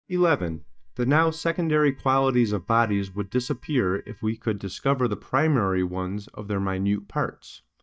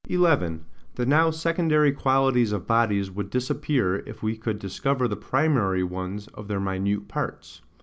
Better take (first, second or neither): second